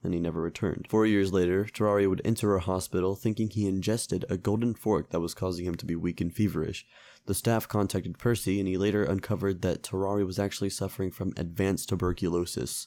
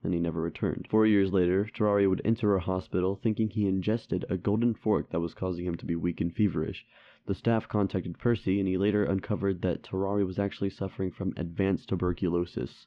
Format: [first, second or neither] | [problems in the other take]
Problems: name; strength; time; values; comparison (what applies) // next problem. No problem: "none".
first | muffled; very; fading above 3 kHz